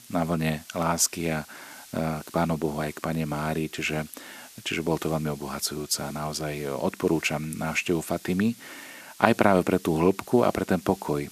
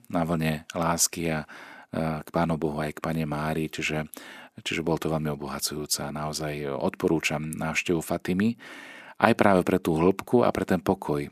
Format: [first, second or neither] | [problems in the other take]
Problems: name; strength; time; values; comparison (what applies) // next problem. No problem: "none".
second | hiss; noticeable; throughout; 20 dB below the speech